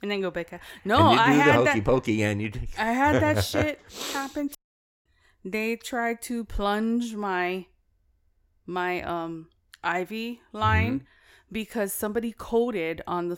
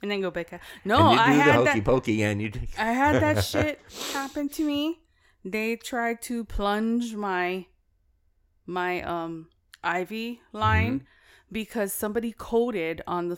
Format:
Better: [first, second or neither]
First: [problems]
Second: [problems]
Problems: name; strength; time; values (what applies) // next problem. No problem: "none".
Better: second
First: audio cutting out; at 4.5 s for 0.5 s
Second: none